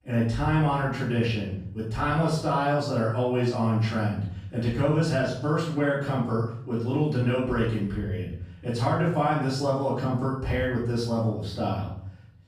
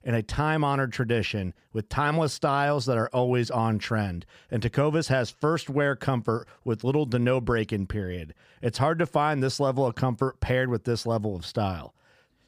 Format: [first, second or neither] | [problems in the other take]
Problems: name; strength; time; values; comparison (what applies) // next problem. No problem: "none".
second | off-mic speech; far // room echo; noticeable; dies away in 0.7 s